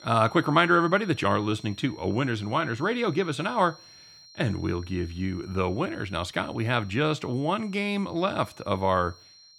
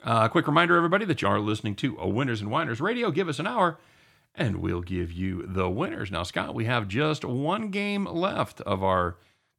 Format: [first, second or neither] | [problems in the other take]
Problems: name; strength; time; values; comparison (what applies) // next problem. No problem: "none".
second | high-pitched whine; faint; throughout; 4 kHz, 25 dB below the speech